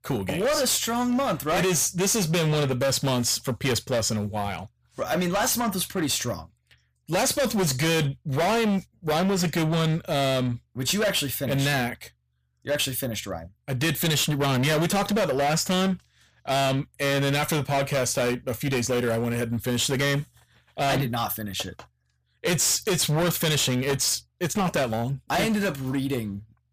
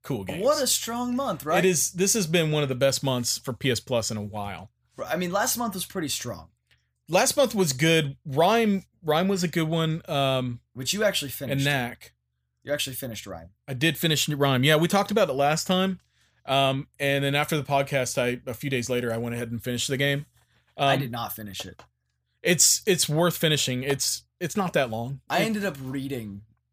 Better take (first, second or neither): second